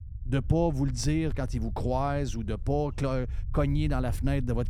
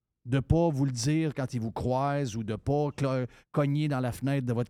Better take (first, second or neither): second